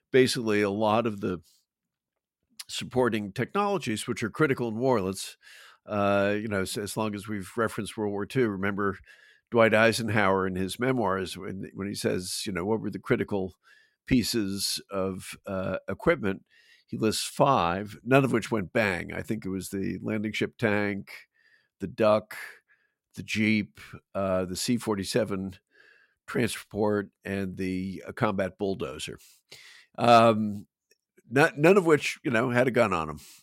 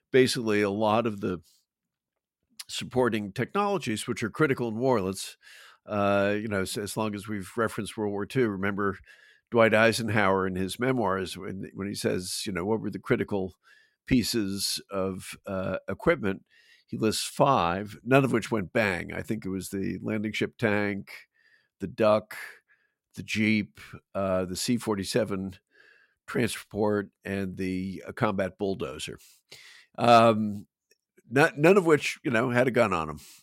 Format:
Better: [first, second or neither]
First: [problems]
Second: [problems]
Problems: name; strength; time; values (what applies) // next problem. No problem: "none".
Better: neither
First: none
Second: none